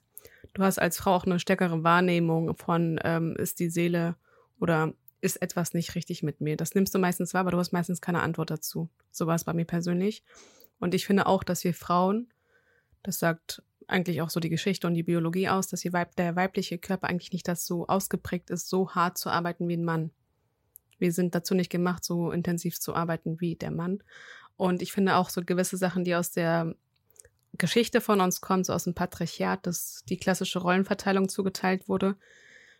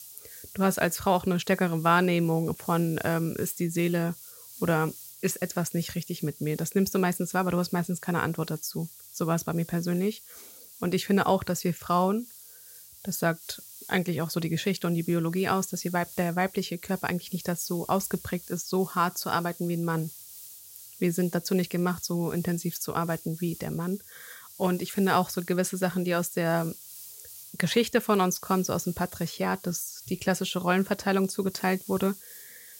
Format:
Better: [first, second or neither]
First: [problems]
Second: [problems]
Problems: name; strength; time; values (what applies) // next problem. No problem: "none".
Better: first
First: none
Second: hiss; noticeable; throughout; 15 dB below the speech